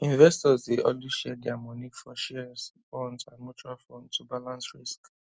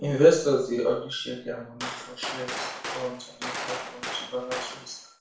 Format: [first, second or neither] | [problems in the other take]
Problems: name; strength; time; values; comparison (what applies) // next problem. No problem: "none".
first | background sound (Gunshot, gunfire); 9 dB below the speech // room echo; dies away in 0.5 s